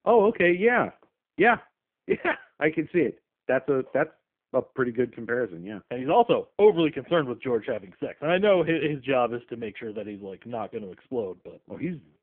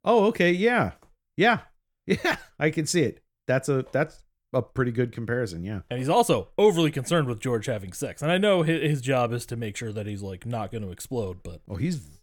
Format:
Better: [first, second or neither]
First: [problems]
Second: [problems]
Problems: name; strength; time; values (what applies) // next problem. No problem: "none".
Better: second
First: phone-call audio; poor line; nothing above 3.5 kHz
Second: none